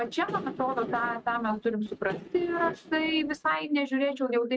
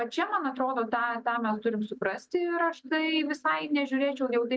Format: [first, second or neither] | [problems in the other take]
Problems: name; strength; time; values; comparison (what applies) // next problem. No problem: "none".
second | noise reduction (neural mask model RNNoise)